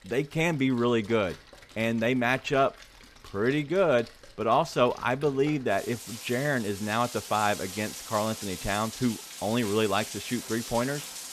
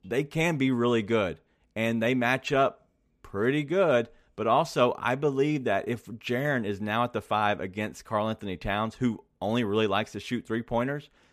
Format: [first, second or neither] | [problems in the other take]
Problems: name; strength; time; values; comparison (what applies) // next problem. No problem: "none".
second | rain or running water; noticeable; throughout; 15 dB below the speech